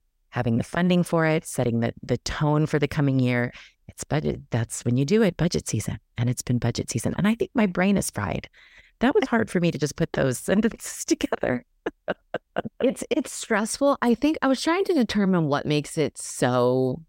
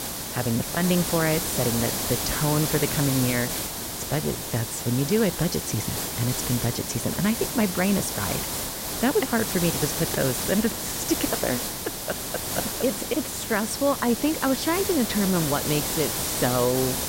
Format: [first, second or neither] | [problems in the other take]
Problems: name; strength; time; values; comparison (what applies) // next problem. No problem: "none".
first | hiss; loud; throughout; 1 dB below the speech